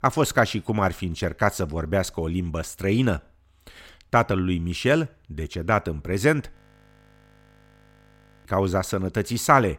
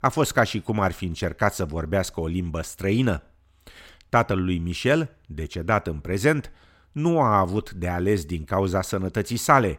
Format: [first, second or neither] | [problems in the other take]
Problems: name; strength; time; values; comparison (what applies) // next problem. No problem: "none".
second | audio freezing; at 6.5 s for 2 s